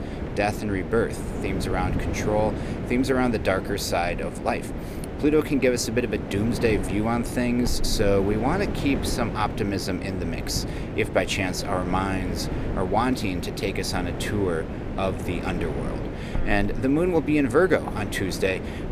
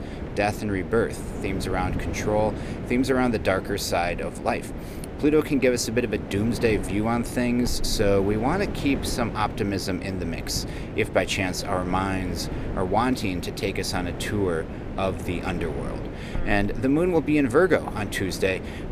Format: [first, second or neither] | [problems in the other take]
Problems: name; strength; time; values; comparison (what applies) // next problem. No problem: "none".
second | wind noise on the microphone; heavy; 9 dB below the speech; occasional gusts in the second